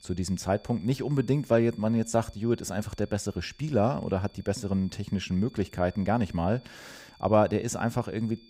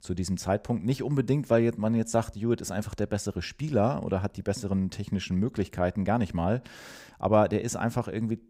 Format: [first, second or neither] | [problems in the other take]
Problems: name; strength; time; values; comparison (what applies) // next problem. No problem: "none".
second | high-pitched whine; faint; throughout; 4.5 kHz, 30 dB below the speech